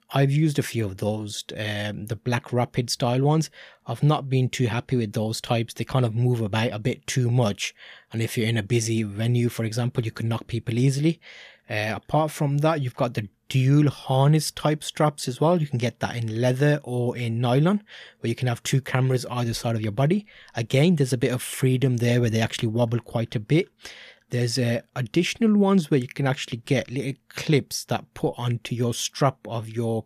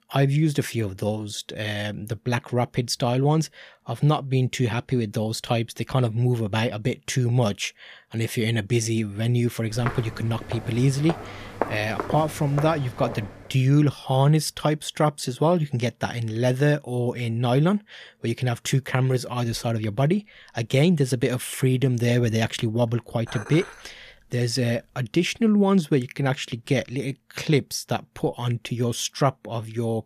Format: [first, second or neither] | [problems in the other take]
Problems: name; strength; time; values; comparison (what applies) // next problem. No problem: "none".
first | footsteps; noticeable; from 9.5 to 13 s; peak 6 dB below the speech // clattering dishes; faint; from 23 to 25 s; peak 10 dB below the speech